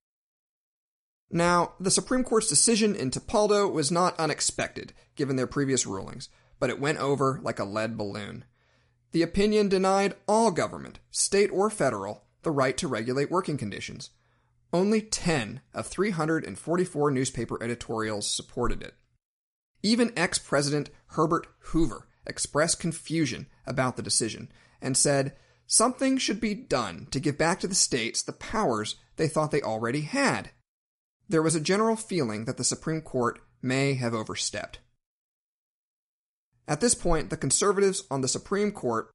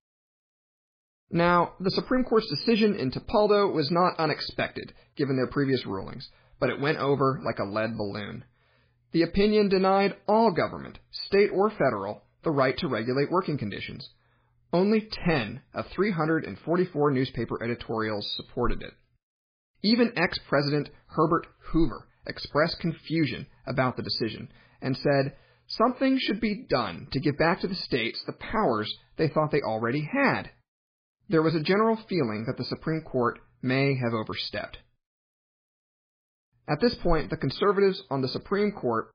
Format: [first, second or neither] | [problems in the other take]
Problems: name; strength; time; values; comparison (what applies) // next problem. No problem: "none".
first | garbled, watery; badly; nothing above 4.5 kHz; slightly in the first